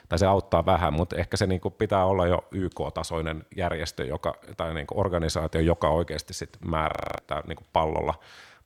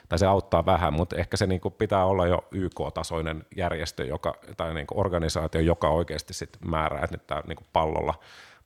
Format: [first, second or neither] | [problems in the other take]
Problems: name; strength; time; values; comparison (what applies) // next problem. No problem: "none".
second | audio freezing; at 7 s